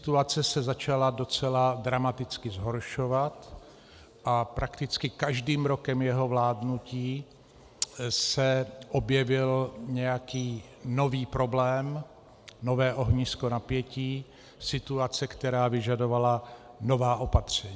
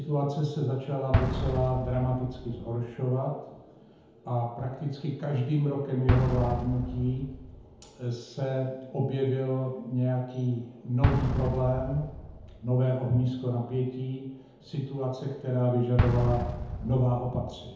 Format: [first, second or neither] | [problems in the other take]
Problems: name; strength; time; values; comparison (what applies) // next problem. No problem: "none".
first | background sound (Explosion); 6 dB below the speech // room echo; dies away in 0.9 s